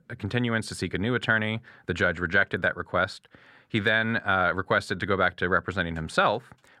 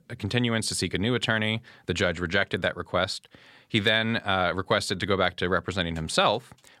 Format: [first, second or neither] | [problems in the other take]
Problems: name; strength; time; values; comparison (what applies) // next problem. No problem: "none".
second | muffled; slightly; fading above 2.5 kHz